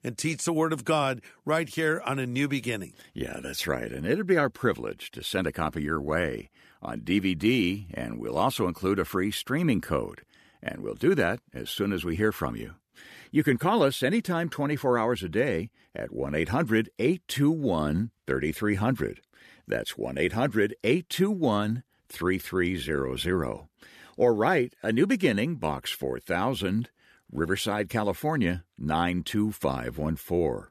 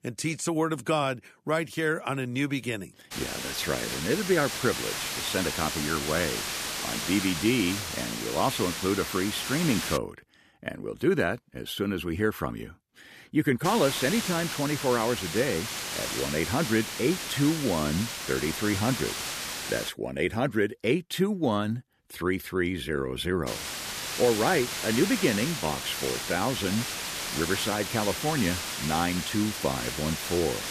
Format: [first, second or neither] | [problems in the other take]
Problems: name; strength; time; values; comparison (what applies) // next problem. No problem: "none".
first | hiss; loud; from 3 to 10 s, from 14 to 20 s and from 23 s on; 3 dB below the speech